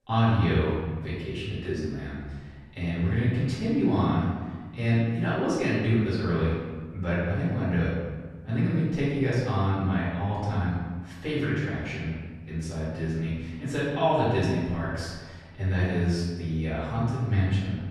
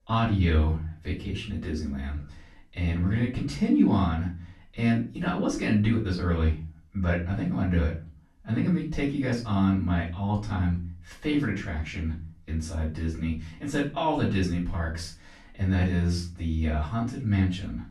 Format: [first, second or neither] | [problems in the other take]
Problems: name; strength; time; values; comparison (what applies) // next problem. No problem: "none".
second | room echo; strong; dies away in 1.3 s; slight in the second // off-mic speech; far; far in the second